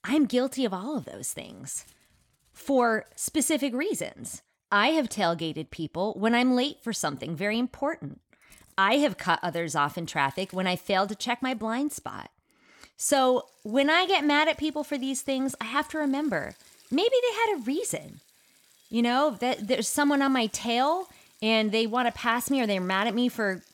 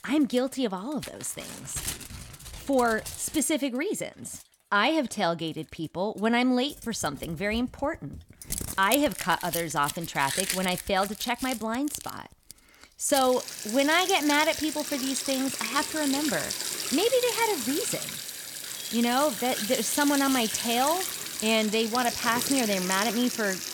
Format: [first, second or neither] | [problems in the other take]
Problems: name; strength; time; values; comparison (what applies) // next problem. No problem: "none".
first | household noises; loud; throughout; 5 dB below the speech; faint in the first